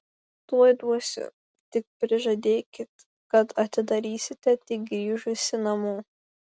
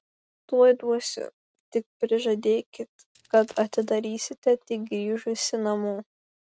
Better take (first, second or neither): first